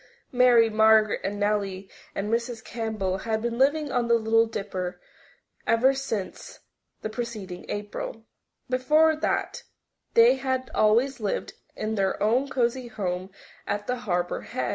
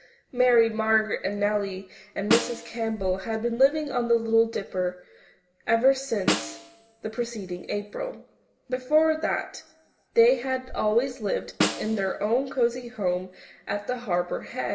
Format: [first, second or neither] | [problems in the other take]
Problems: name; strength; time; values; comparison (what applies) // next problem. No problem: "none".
first | background sound (Snare drum); 7 dB below the speech // room echo; dies away in 1.1 s